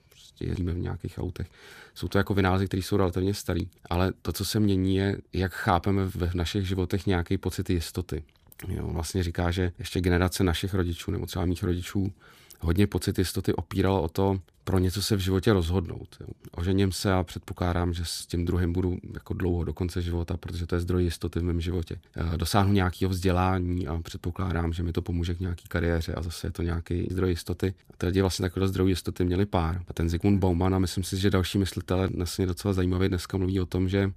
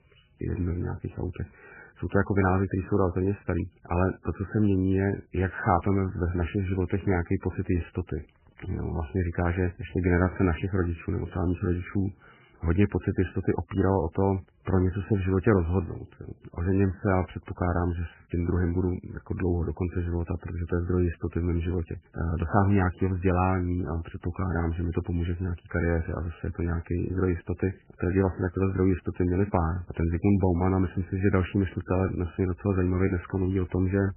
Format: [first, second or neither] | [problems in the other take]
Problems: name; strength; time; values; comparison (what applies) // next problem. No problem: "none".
first | garbled, watery; badly; nothing above 3 kHz